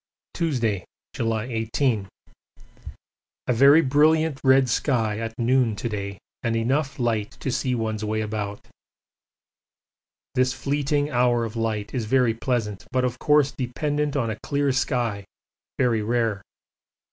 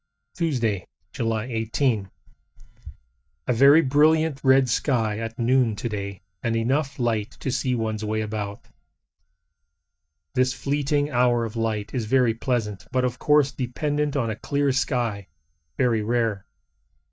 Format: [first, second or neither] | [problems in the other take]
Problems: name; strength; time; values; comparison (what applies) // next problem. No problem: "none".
first | noise reduction (neural mask model DeepFilterNet 3)